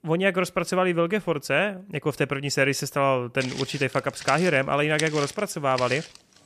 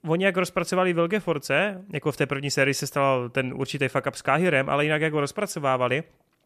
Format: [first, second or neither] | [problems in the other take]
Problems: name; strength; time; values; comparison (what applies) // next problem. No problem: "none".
second | footsteps; noticeable; from 3.5 s on; peak 7 dB below the speech